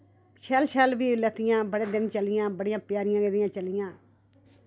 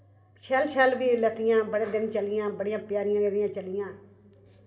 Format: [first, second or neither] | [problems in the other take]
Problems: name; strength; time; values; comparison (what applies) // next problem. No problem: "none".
first | room echo; dies away in 2.6 s